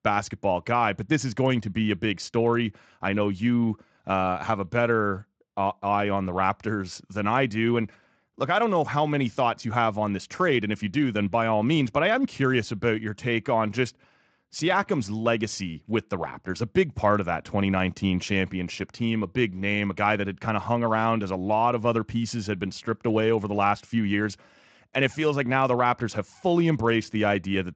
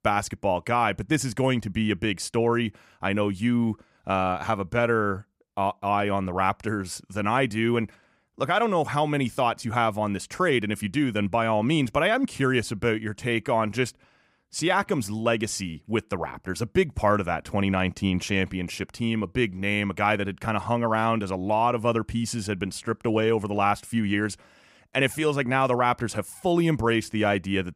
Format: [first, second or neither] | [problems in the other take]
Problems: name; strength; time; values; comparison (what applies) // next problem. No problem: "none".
second | garbled, watery; slightly; nothing above 7.5 kHz